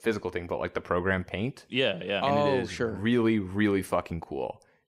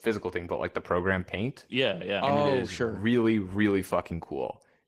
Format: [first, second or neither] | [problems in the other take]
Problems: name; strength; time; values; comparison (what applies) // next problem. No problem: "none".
first | garbled, watery; slightly; nothing above 15.5 kHz